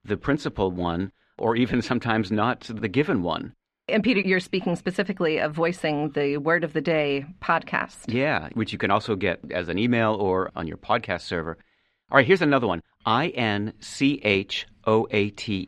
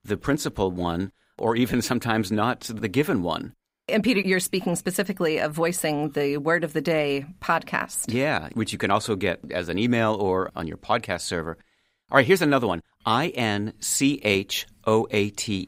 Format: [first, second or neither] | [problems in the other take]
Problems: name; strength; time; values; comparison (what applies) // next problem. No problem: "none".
second | muffled; slightly; fading above 3 kHz